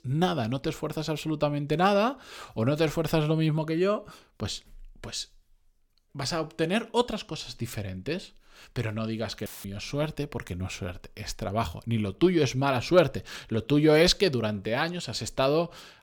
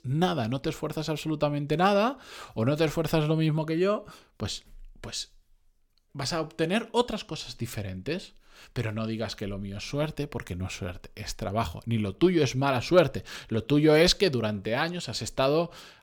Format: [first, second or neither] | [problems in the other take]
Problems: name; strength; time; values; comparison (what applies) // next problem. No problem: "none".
second | audio cutting out; filled with static; at 9.5 s